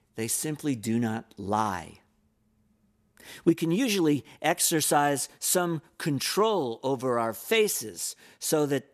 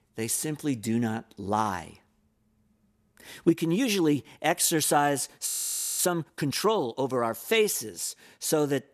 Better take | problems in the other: first | audio freezing; at 5.5 s for 0.5 s

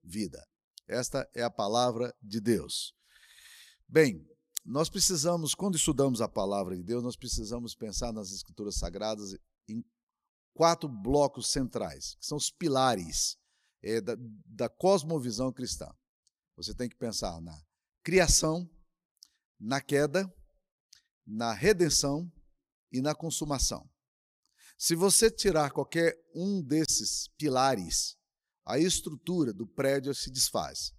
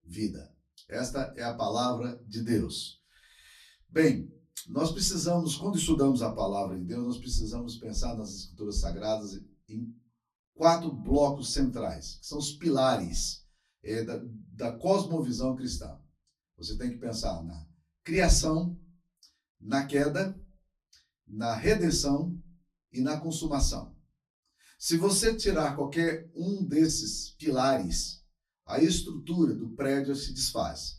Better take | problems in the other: first | off-mic speech; far // room echo; very slight; dies away in 0.3 s

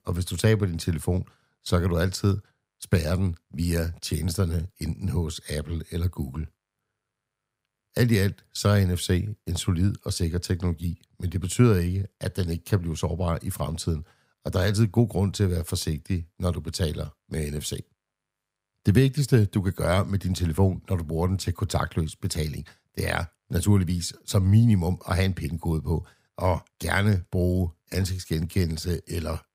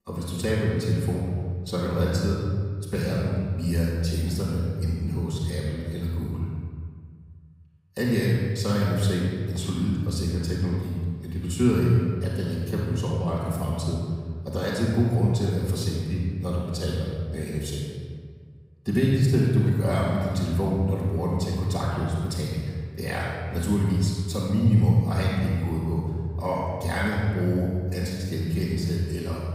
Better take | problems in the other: first | room echo; strong; dies away in 1.7 s // off-mic speech; far

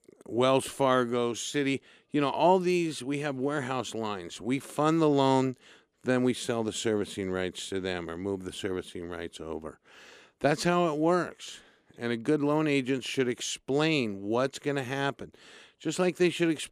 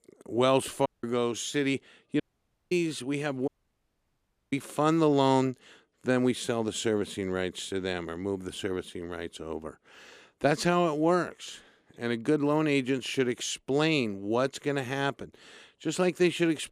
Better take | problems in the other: first | audio cutting out; at 1 s, at 2 s for 0.5 s and at 3.5 s for 1 s

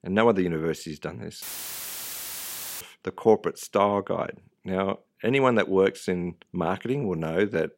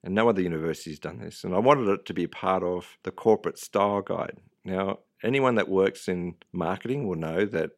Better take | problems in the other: second | audio cutting out; filled with static; at 1.5 s for 1.5 s

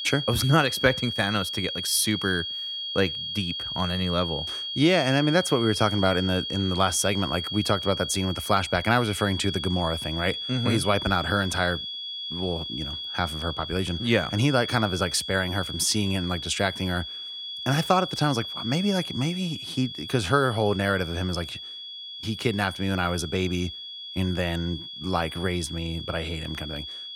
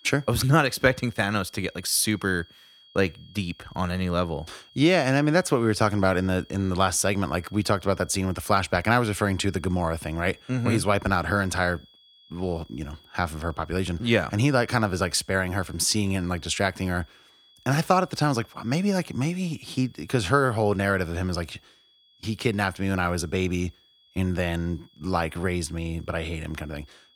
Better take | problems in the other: second | high-pitched whine; loud; throughout; 3.5 kHz, 6 dB below the speech; faint in the second

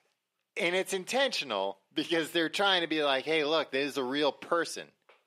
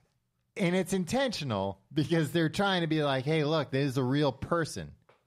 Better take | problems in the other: second | thin; somewhat; fading below 350 Hz

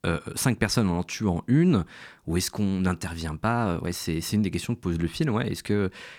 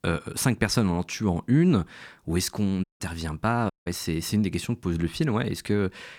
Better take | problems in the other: first | audio cutting out; at 3 s and at 3.5 s

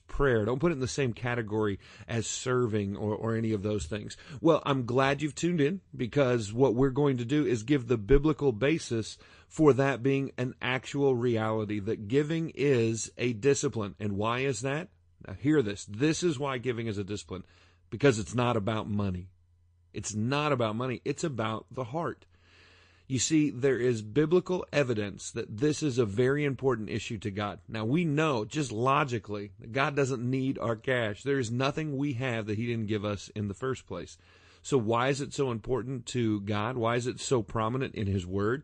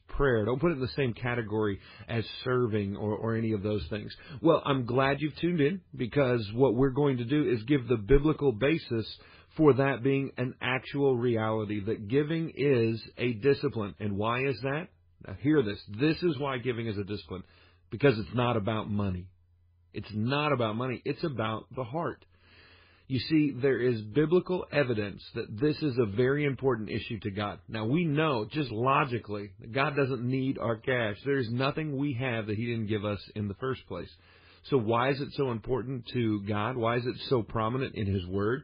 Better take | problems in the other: first | garbled, watery; badly; nothing above 5 kHz; slightly in the first

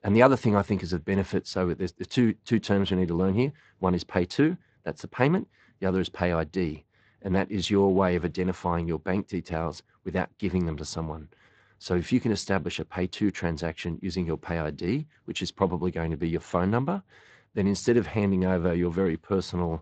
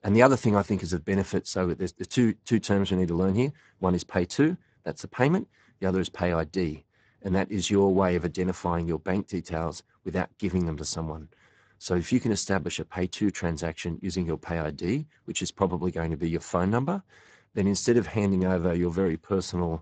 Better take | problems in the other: first | garbled, watery; badly; nothing above 7.5 kHz; slightly in the first

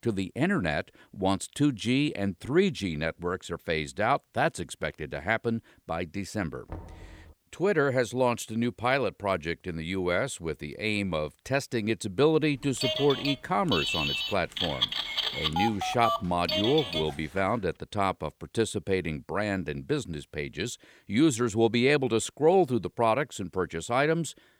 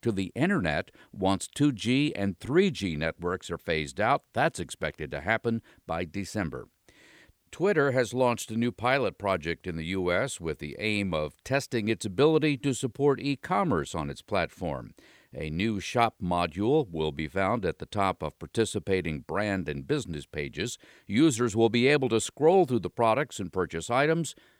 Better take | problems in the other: second | door banging; faint; at 6.5 s; peak 15 dB below the speech // phone ringing; loud; from 13 to 17 s; peak 1 dB above the speech

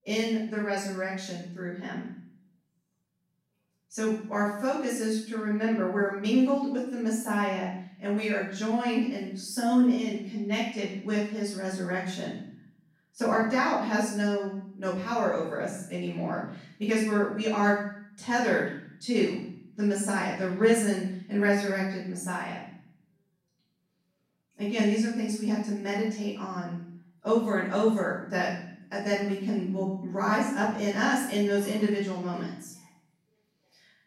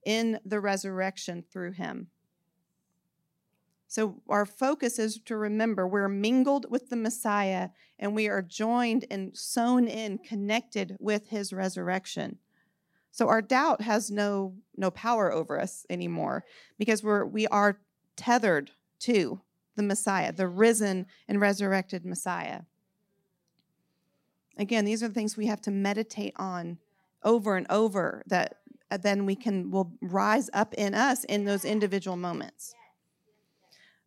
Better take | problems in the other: second | off-mic speech; far // room echo; noticeable; dies away in 0.7 s

